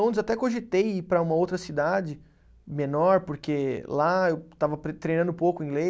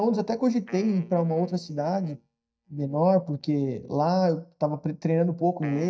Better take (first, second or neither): first